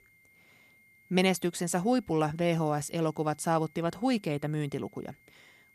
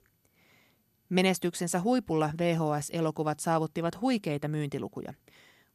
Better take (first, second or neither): second